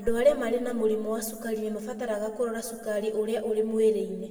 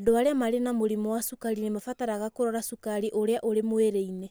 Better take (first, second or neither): second